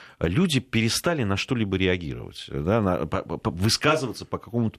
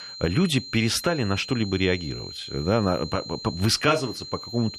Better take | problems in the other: first | high-pitched whine; noticeable; throughout; 4 kHz, 10 dB below the speech

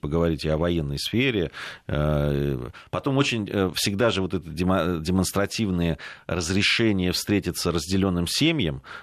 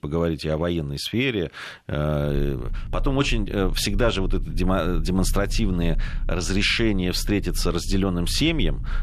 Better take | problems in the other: first | low rumble; faint; from 2.5 s on; 25 dB below the speech

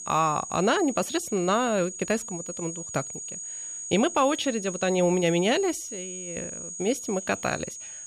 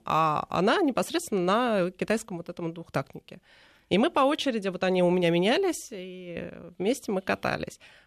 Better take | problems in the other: second | high-pitched whine; loud; throughout; 6.5 kHz, 9 dB below the speech

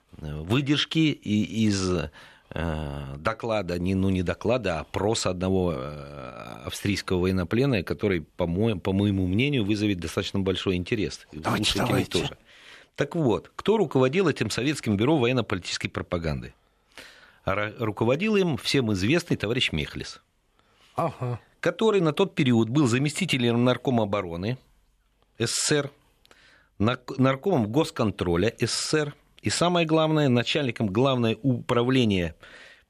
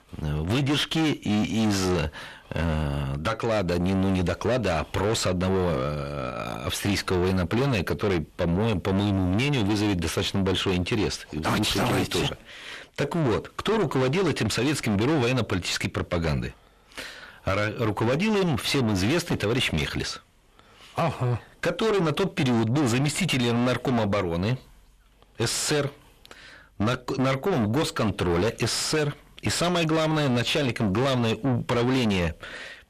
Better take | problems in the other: first | distortion; heavy; 5 dB below the speech

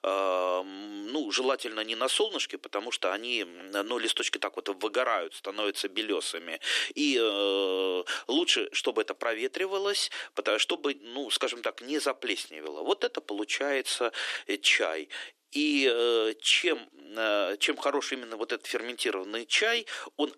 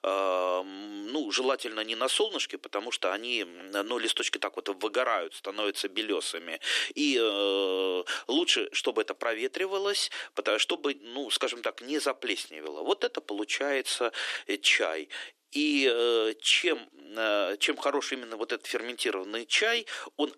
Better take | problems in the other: neither | thin; somewhat; fading below 300 Hz; the same in both

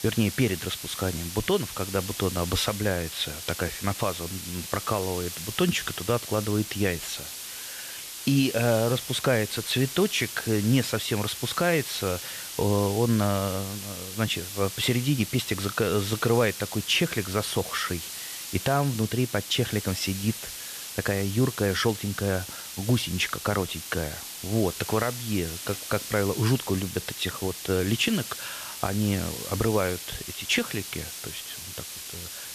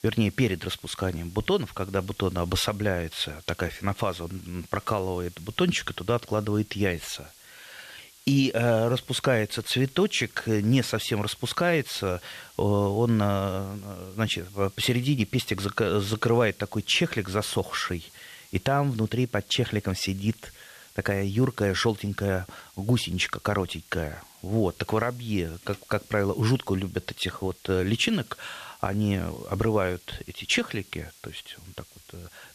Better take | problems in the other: second | hiss; loud; throughout; 8 dB below the speech; faint in the second

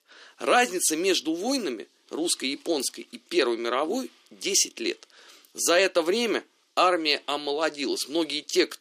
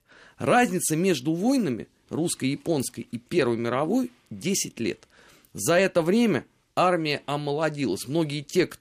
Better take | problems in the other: second | thin; somewhat; fading below 300 Hz

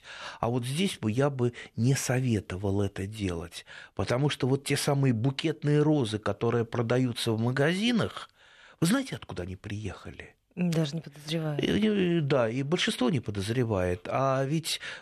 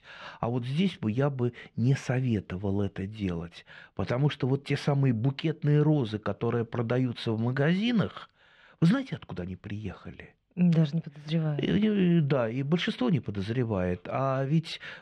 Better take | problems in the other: first | muffled; very slightly; fading above 3.5 kHz

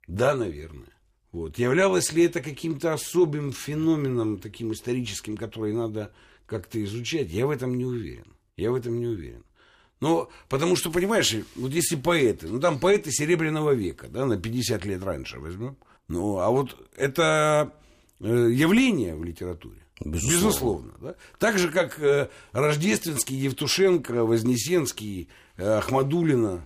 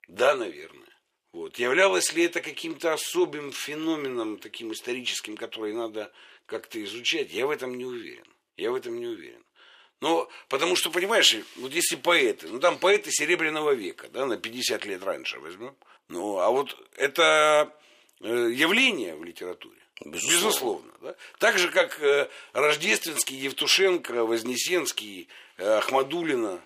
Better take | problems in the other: first | thin; somewhat; fading below 500 Hz

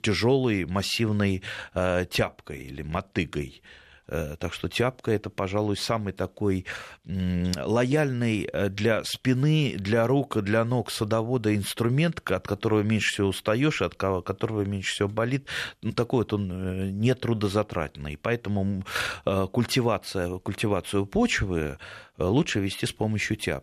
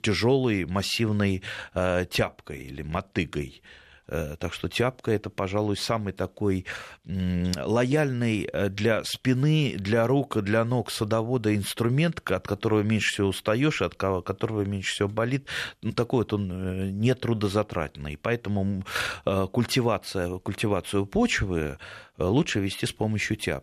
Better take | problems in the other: neither | none

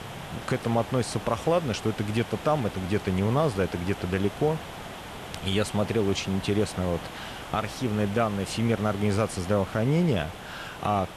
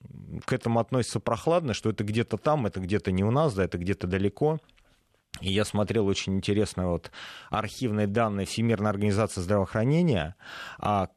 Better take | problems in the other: second | hiss; noticeable; throughout; 10 dB below the speech

